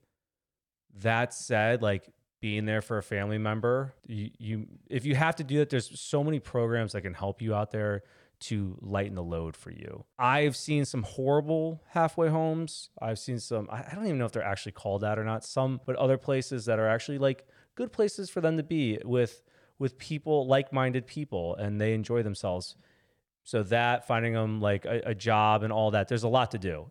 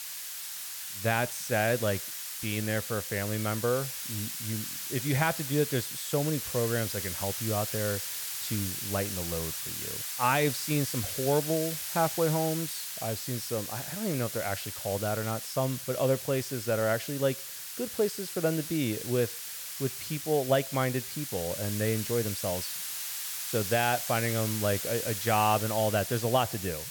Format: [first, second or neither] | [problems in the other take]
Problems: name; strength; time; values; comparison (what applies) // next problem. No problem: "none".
first | hiss; loud; throughout; 4 dB below the speech